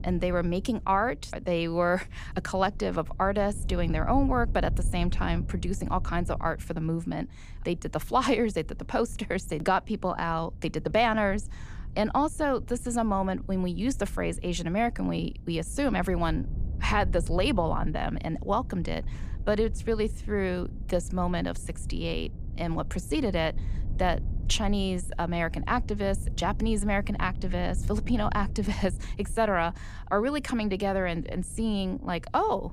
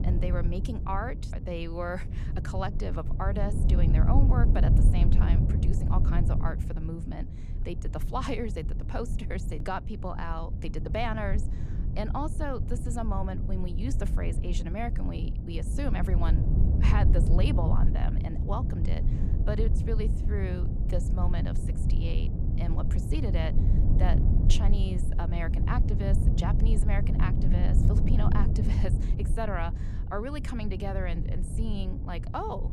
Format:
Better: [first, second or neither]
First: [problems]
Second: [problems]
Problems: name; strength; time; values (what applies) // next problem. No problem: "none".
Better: first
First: low rumble; faint; throughout; 25 dB below the speech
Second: low rumble; loud; throughout; 5 dB below the speech